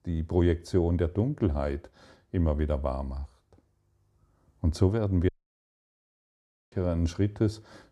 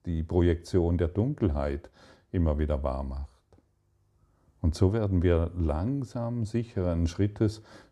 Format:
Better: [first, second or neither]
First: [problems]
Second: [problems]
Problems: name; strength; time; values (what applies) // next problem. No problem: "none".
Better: second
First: audio cutting out; at 5.5 s for 1.5 s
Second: none